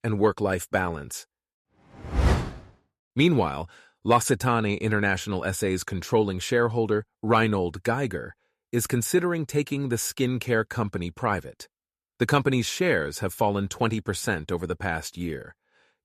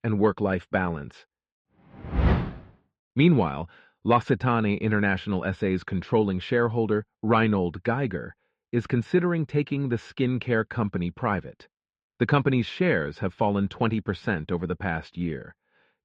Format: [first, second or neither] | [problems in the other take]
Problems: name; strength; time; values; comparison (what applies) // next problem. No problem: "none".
first | muffled; very; fading above 3.5 kHz